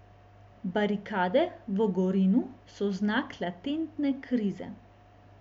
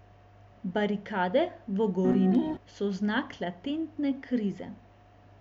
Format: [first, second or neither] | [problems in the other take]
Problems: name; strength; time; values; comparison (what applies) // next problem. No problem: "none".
first | background sound (Piano); 1 dB above the speech